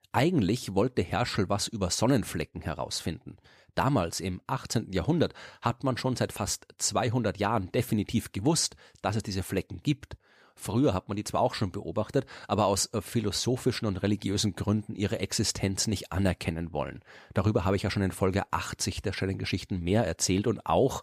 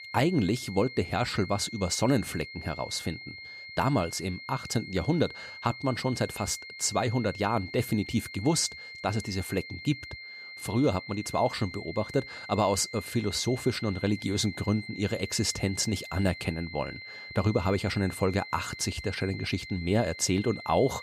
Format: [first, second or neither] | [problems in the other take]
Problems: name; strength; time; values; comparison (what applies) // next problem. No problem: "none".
first | high-pitched whine; noticeable; throughout; 2 kHz, 10 dB below the speech